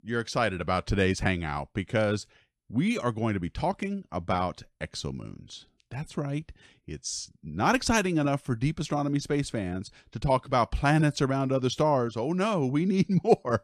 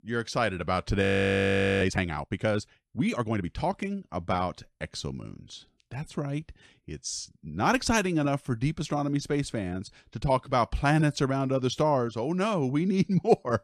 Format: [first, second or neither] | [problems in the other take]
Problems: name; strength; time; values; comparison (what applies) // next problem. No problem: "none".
first | audio freezing; at 1 s for 1 s